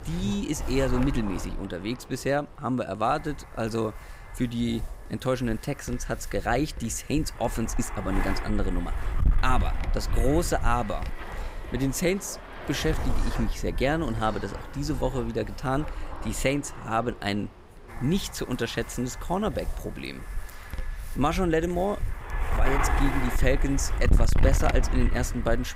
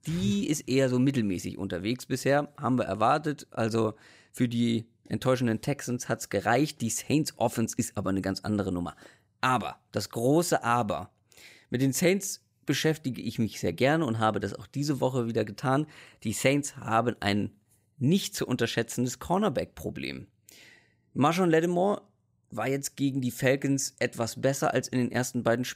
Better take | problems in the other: second | wind noise on the microphone; heavy; 8 dB below the speech

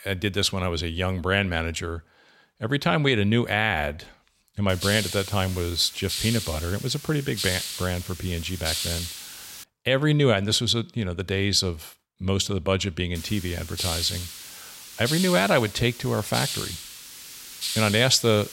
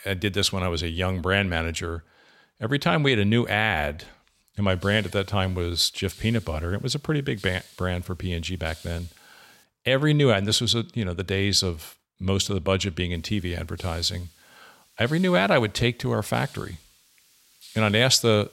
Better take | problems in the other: second | hiss; loud; from 4.5 to 9.5 s and from 13 s on; 7 dB below the speech; faint in the second

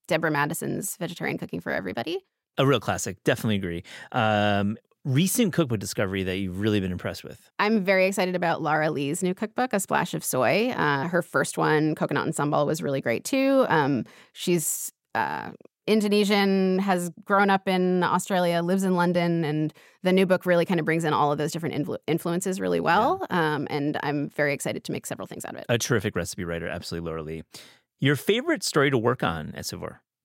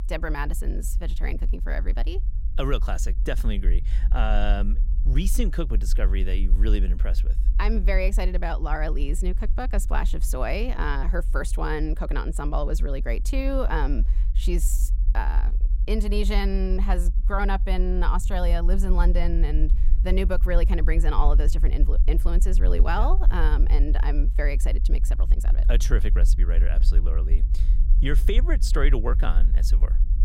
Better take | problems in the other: first | low rumble; noticeable; throughout; 15 dB below the speech

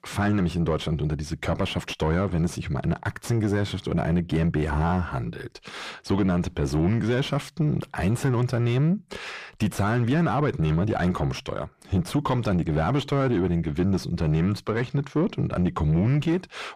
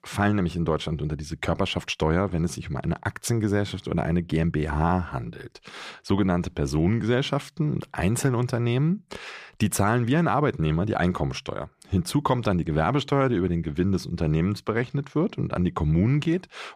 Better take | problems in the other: second | distortion; slight; 10 dB below the speech

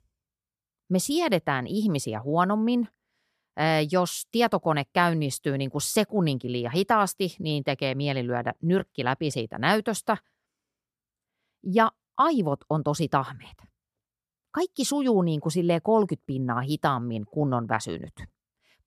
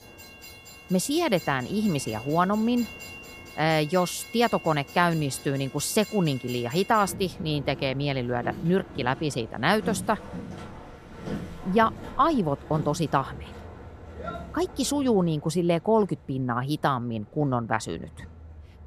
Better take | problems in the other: first | train or aircraft noise; noticeable; throughout; 15 dB below the speech

